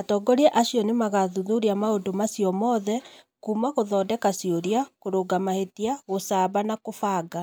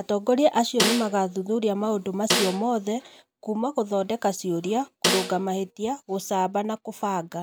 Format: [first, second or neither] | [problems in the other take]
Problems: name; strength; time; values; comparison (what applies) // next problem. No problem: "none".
first | background sound (Snare drum); 3 dB below the speech